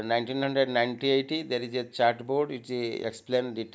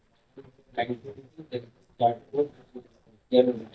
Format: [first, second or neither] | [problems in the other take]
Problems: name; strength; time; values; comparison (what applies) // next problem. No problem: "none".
first | noise reduction (neural mask model DeepFilterNet 3)